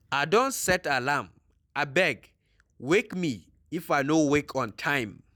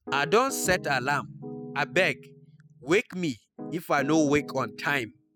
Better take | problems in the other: first | noise reduction (classical method spectral subtraction)

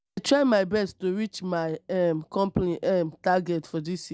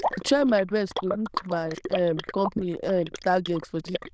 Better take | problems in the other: first | noise reduction (neural diffusion model UNIVERSE++)

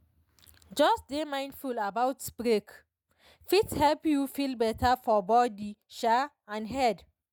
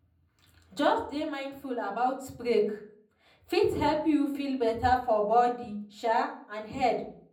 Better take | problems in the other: first | room echo; dies away in 0.6 s

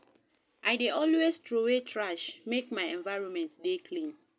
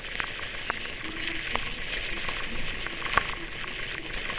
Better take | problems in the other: first | noise reduction (neural separator model SepFormer WHAMR!)

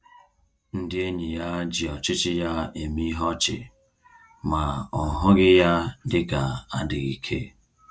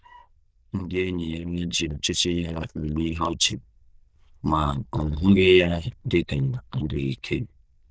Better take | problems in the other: first | noise reduction (neural diffusion model UNIVERSE++)

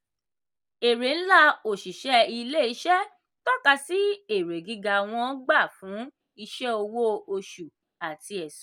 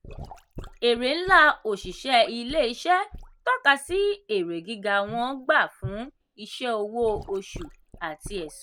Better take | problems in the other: first | background sound (Sink (filling or washing) / Gurgling / Liquid); 18 dB below the speech

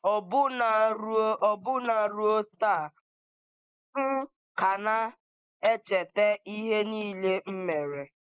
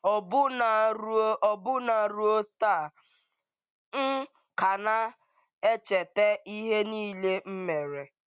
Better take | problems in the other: second | noise reduction (neural mask model Resemble Enhance denoiser)

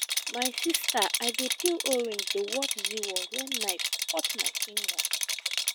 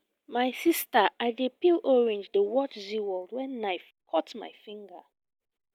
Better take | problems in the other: second | background sound (Rattle); 3 dB above the speech

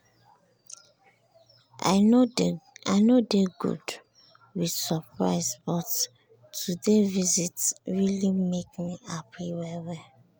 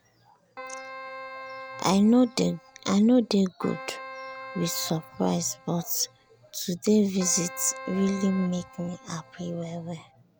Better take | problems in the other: first | background sound (Keyboard (musical)); 15 dB below the speech

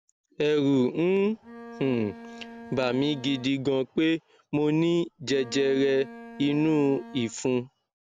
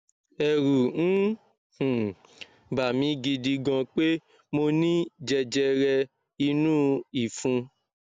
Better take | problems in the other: second | background sound (Bowed string instrument); 18 dB below the speech

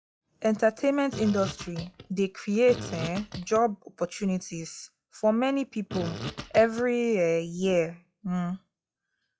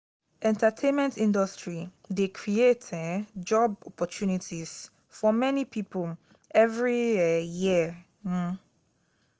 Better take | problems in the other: second | noise reduction (classical method log-MMSE)

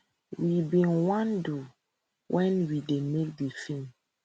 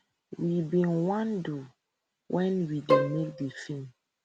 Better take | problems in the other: first | background sound (Bowed string instrument); 3 dB above the speech

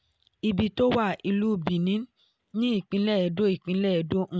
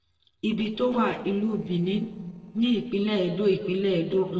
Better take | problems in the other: first | noise reduction (neural separator model SepFormer DNS4)

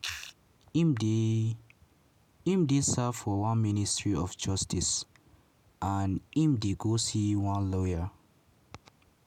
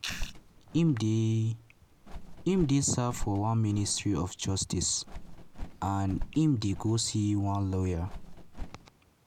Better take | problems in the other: first | background sound (Bird); 12 dB below the speech

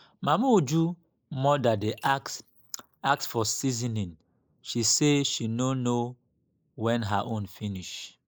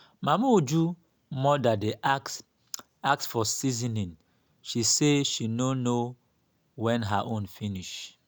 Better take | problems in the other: second | noise reduction (neural mask model Resemble Enhance denoiser)

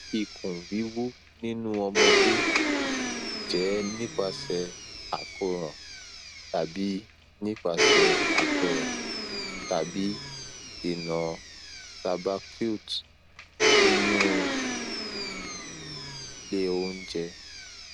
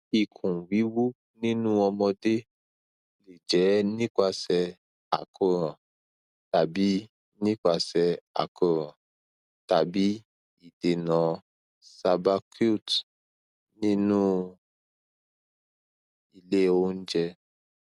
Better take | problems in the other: second | background sound (Domestic sounds, home sounds); 3 dB above the speech

